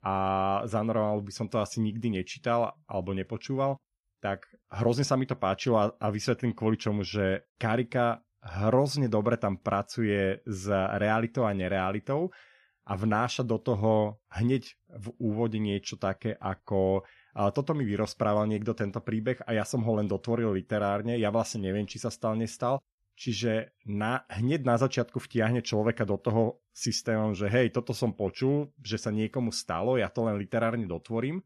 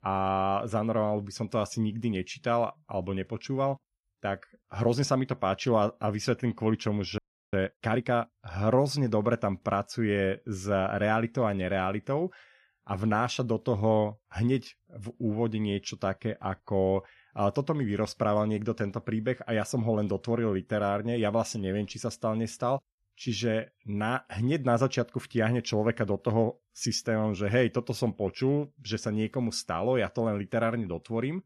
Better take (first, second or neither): first